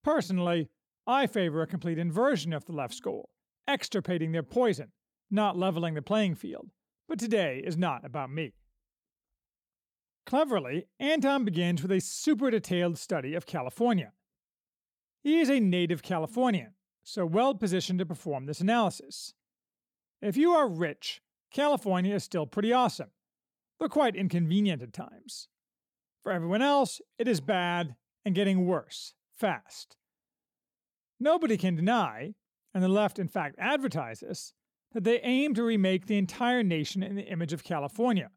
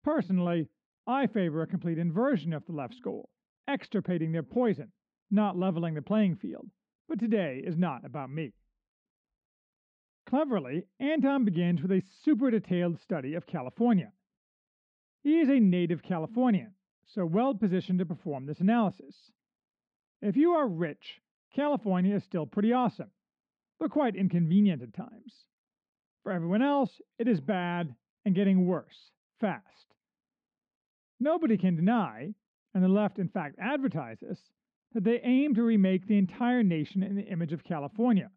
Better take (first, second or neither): first